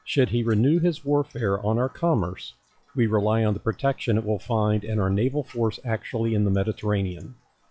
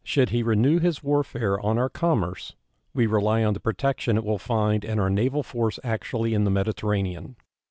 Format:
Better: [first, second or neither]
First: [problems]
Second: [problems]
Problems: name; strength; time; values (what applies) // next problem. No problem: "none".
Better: second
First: noise reduction (classical method log-MMSE)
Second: none